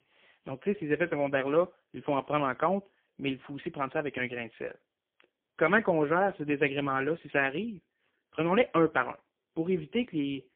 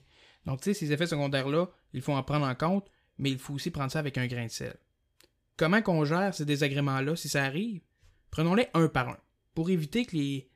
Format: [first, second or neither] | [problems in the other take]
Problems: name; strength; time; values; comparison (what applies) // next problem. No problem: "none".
second | phone-call audio; poor line